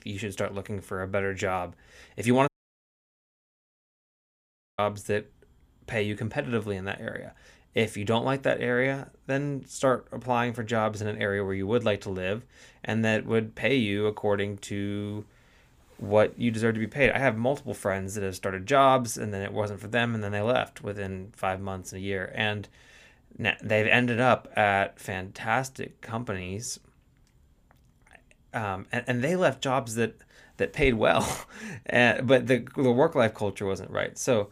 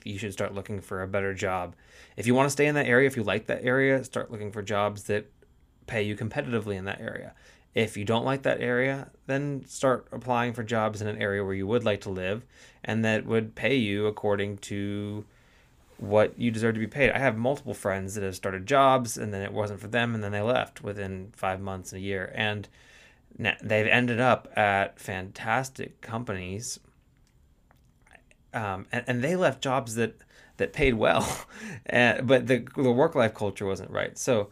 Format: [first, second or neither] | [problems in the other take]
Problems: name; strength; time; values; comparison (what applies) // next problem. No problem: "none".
second | audio cutting out; at 2.5 s for 2.5 s